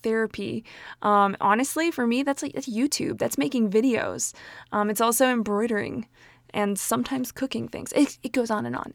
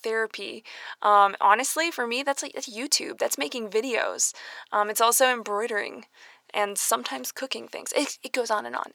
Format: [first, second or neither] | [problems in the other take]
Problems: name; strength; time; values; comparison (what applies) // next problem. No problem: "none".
first | thin; very; fading below 600 Hz